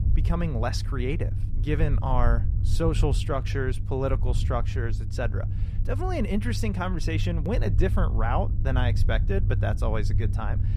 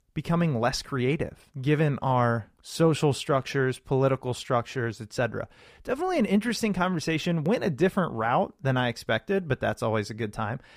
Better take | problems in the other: second | low rumble; noticeable; throughout; 10 dB below the speech

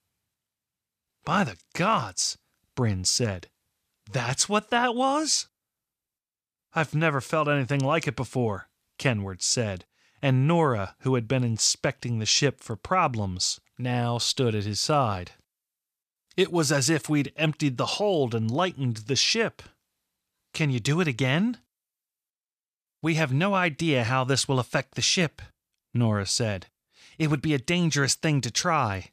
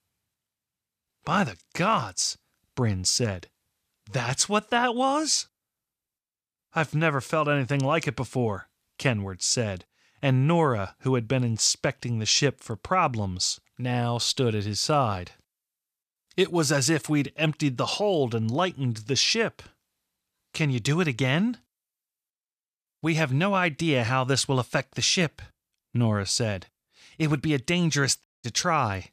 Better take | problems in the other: first | audio cutting out; at 28 s

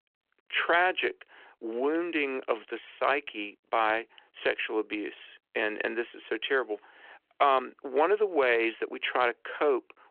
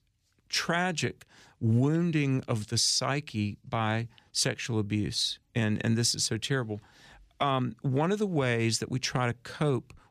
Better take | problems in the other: second | phone-call audio

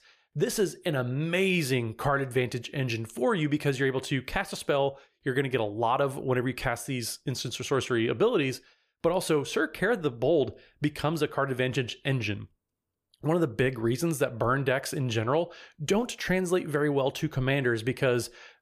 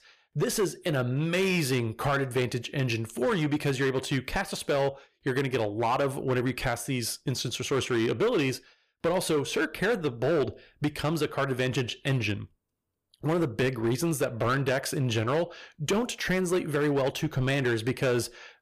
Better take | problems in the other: first | distortion; slight; 9% of the sound clipped

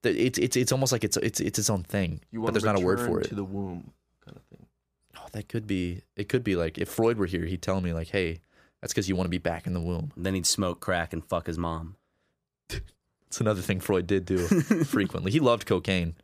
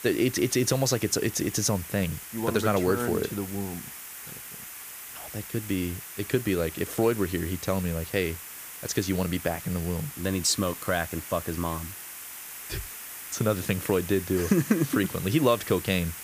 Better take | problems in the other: first | hiss; noticeable; throughout; 10 dB below the speech

